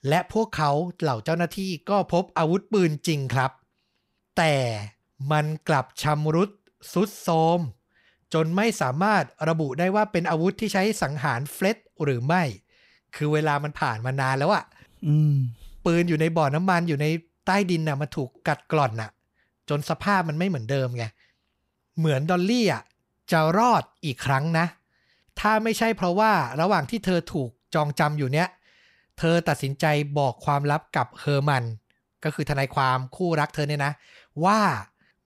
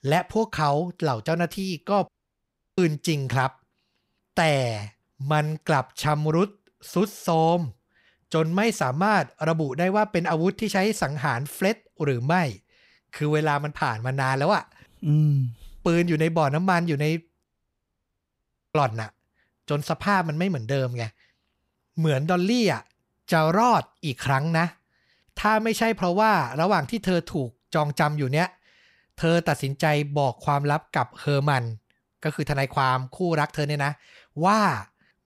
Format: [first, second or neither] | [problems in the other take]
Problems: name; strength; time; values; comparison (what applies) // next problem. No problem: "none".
first | audio cutting out; at 2 s for 0.5 s and at 17 s for 1.5 s